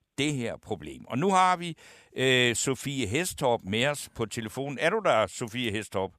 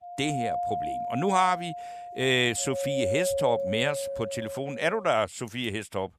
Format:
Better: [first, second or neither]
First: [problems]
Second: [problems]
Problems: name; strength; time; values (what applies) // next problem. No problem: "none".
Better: first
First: none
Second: doorbell; loud; until 5 s; peak level with the speech